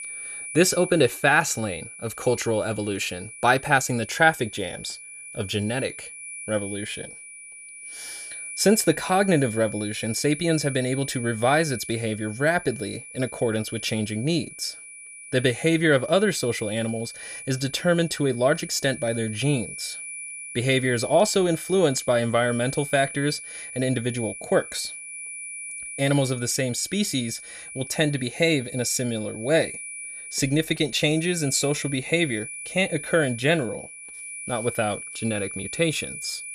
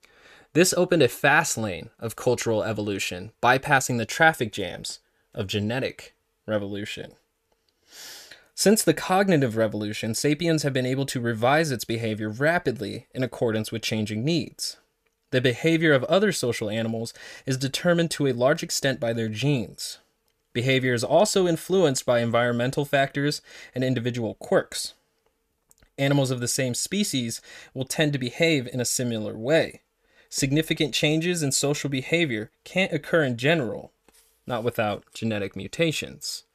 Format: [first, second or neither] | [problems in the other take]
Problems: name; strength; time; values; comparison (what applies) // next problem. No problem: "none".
second | high-pitched whine; noticeable; throughout; 2.5 kHz, 10 dB below the speech